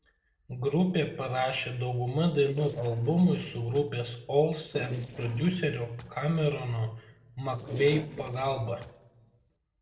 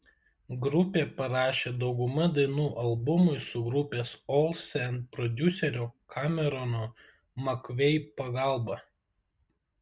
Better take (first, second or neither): second